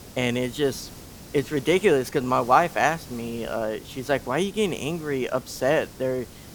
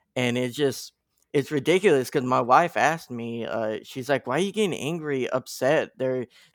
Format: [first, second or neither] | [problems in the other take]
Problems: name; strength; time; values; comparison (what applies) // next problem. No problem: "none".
second | hiss; noticeable; throughout; 20 dB below the speech